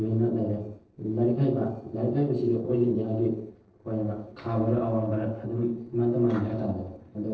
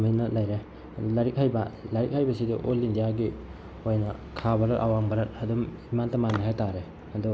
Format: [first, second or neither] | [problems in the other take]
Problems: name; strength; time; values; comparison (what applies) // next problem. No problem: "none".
second | noise reduction (neural separator model SepFormer DNS4)